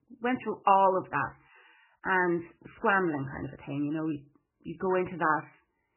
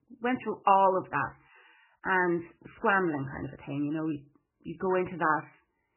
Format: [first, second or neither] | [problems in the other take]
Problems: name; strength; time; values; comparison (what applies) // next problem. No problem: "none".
neither | garbled, watery; badly; nothing above 3 kHz; the same in both